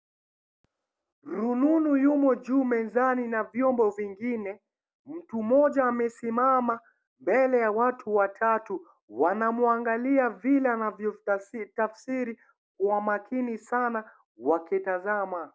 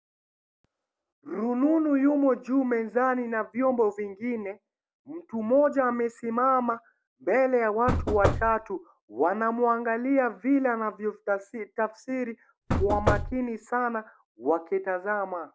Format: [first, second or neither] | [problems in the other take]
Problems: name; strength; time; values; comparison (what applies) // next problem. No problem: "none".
first | background sound (Knock / Wood); 1 dB below the speech